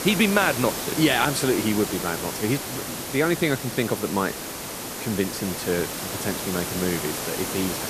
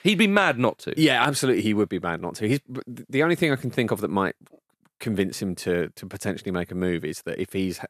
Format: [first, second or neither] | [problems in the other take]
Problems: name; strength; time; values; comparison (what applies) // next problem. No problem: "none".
second | hiss; loud; throughout; 4 dB below the speech